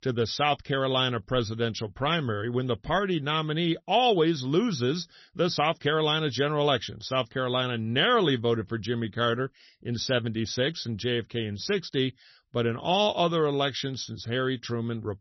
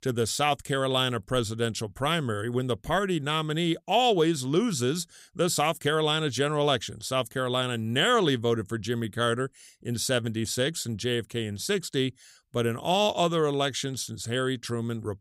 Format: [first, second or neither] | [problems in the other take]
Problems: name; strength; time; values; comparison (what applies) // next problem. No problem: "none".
second | garbled, watery; slightly; nothing above 6 kHz